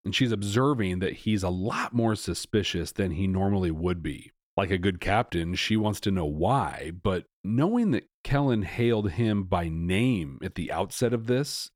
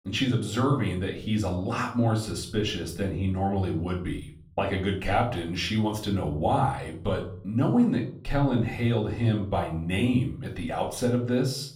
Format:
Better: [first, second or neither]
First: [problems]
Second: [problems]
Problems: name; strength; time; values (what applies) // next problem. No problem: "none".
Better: first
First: none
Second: room echo; slight; dies away in 0.4 s // off-mic speech; somewhat distant